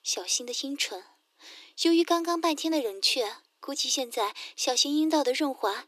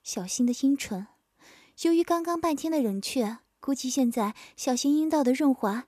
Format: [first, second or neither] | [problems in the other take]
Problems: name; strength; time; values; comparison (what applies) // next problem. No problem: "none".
second | thin; somewhat; fading below 300 Hz